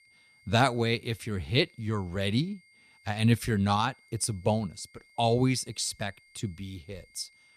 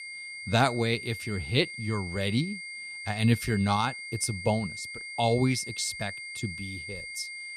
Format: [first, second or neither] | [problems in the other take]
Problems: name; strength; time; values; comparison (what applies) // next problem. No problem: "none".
first | high-pitched whine; loud; throughout; 2 kHz, 9 dB below the speech; faint in the first